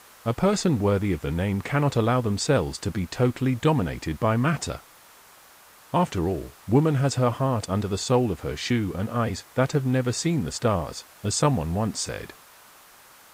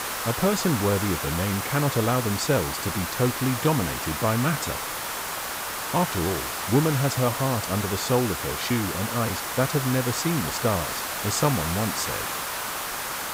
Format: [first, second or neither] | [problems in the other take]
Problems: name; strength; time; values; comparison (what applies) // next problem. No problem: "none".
first | hiss; loud; throughout; 3 dB below the speech; faint in the first